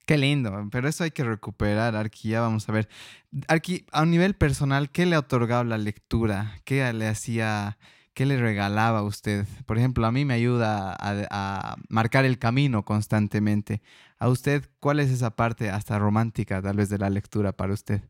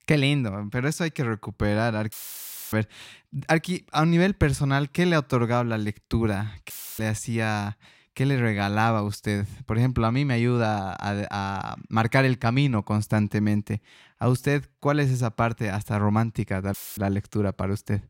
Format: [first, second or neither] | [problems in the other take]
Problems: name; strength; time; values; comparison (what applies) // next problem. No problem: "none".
first | audio cutting out; filled with static; at 2 s for 0.5 s, at 6.5 s and at 17 s